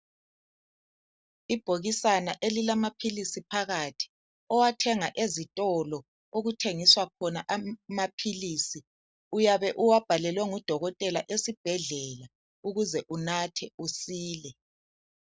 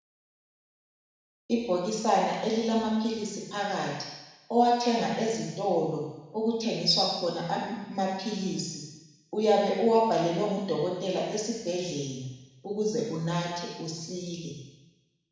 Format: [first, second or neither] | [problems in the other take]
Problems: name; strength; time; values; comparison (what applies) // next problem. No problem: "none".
first | room echo; dies away in 1.1 s